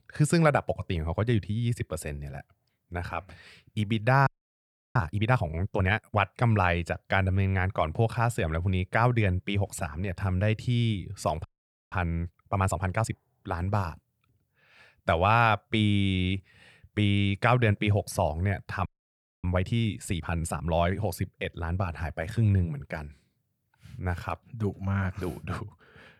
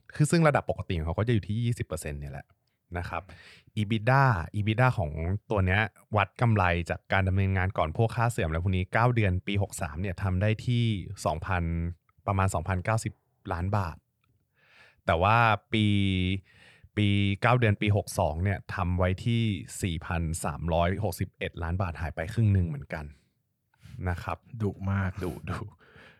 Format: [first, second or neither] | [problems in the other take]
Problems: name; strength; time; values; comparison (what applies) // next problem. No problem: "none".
second | audio freezing; at 4.5 s for 0.5 s, at 11 s and at 19 s for 0.5 s